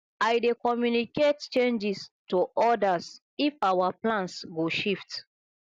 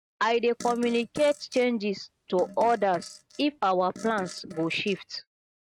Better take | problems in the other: first | noise reduction (neural mask model RNNoise)

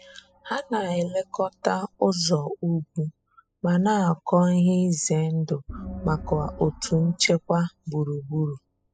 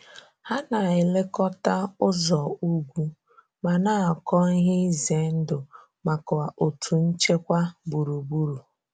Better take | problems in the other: second | noise reduction (classical method spectral subtraction)

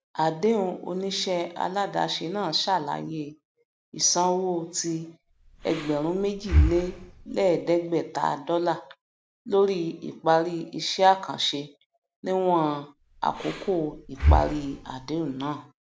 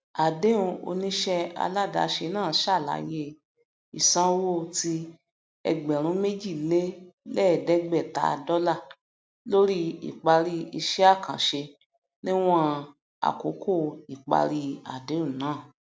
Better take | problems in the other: second | background sound (Breathing); 1 dB below the speech

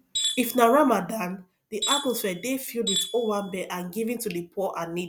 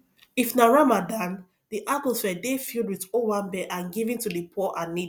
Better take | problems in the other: second | background sound (Tools); 5 dB below the speech

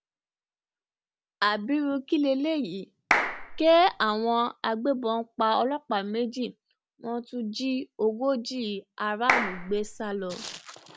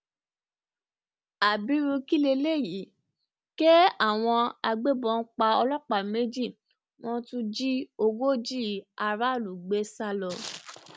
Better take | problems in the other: second | background sound (Clapping); 2 dB below the speech

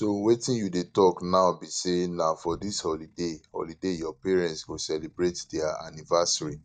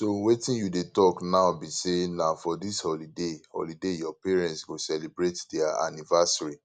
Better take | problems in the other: second | noise reduction (neural mask model DeepFilterNet 3)

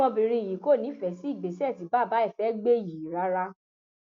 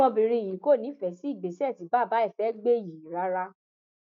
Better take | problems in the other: first | noise reduction (neural mask model DeepFilterNet 3)

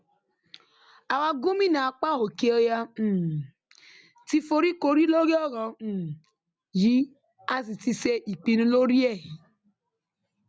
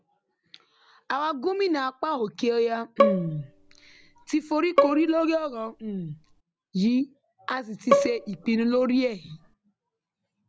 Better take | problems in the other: first | background sound (Bowed string instrument); as loud as the speech

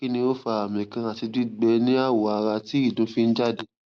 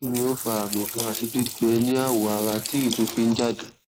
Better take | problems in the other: first | noise reduction (neural mask model Resemble Enhance denoiser)

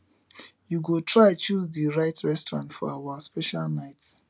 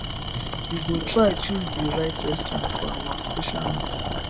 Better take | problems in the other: first | background sound (Boiling + Tools); 1 dB below the speech

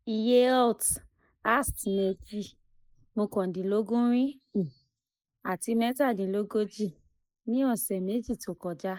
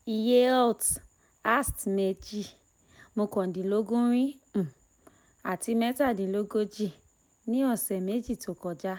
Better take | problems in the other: second | noise reduction (neural mask model Resemble Enhance denoiser)

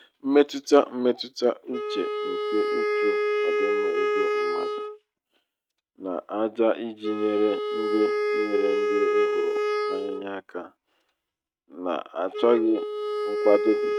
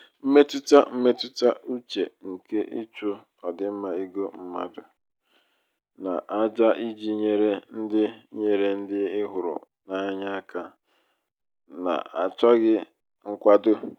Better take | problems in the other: second | noise reduction (neural mask model RNNoise)

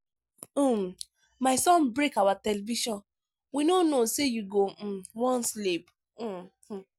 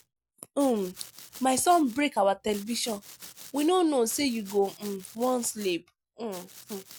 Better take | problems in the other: first | background sound (Domestic sounds, home sounds); 20 dB below the speech

